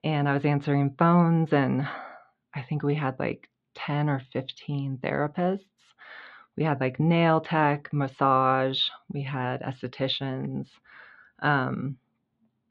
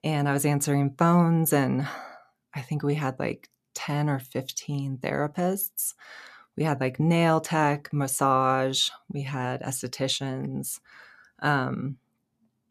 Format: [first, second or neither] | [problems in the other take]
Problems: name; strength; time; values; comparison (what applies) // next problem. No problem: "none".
second | muffled; slightly; fading above 3.5 kHz